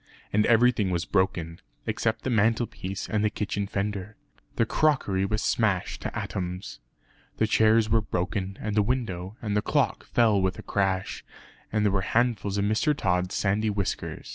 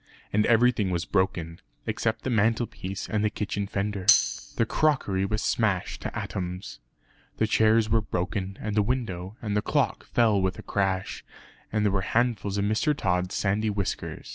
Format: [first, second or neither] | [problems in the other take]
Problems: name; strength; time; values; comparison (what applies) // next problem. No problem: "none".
first | background sound (Tambourine); as loud as the speech